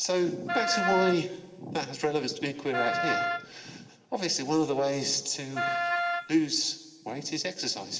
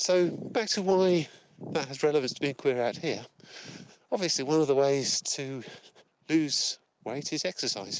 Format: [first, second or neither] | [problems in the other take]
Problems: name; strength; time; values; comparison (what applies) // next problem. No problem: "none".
second | background sound (Wind instrument, woodwind instrument); 1 dB below the speech // room echo; dies away in 2.7 s